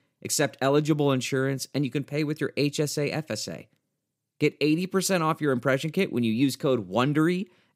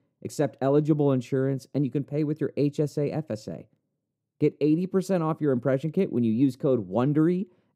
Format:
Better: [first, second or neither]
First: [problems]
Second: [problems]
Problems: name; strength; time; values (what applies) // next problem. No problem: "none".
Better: first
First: none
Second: muffled; slightly; fading above 1 kHz